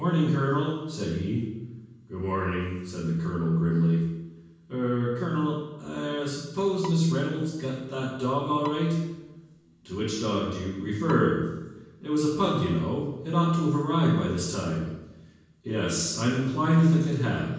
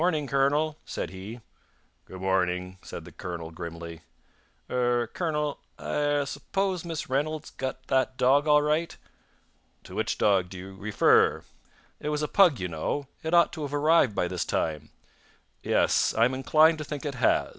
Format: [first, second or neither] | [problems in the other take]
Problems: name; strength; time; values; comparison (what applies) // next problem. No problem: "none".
second | background sound (Bowed string instrument); 20 dB below the speech // room echo; dies away in 1.2 s